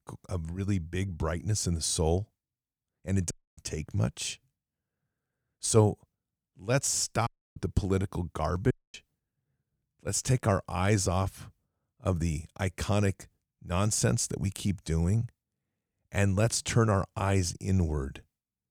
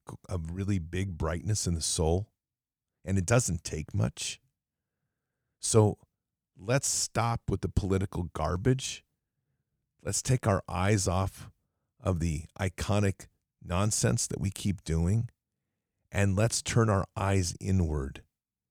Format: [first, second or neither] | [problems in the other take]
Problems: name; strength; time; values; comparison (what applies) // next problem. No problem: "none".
second | audio cutting out; at 3.5 s, at 7.5 s and at 8.5 s